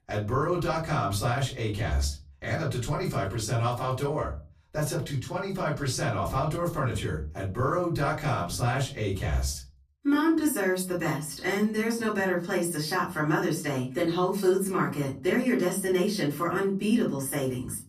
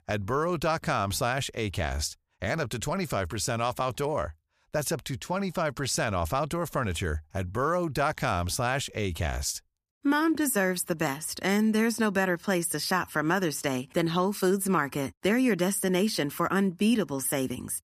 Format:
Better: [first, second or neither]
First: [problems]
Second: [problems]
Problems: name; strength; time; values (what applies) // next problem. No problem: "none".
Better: second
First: off-mic speech; far // room echo; very slight; dies away in 0.3 s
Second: none